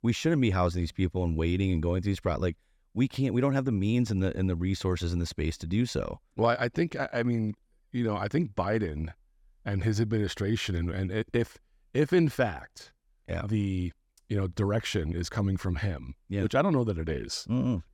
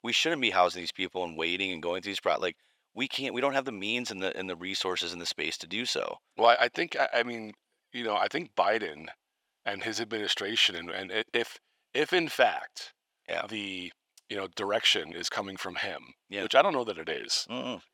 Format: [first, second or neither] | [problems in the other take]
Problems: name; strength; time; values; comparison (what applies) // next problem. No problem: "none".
first | thin; very; fading below 500 Hz